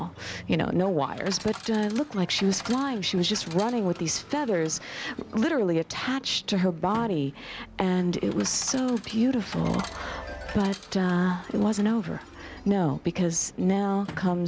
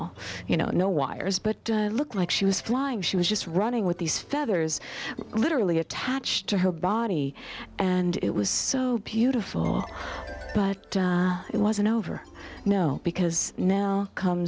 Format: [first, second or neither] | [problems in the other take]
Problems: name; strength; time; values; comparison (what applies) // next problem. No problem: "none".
second | background sound (Coin (dropping) / Chatter); 19 dB below the speech